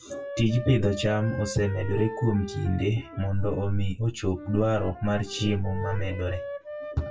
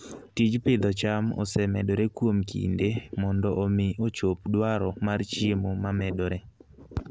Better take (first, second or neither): second